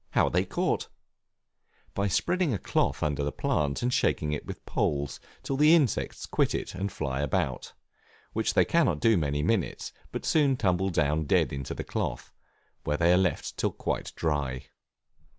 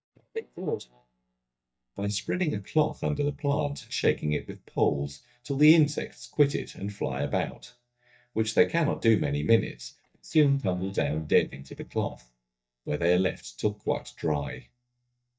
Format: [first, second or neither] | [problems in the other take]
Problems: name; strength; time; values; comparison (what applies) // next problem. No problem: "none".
first | noise reduction (neural mask model DeepFilterNet 3)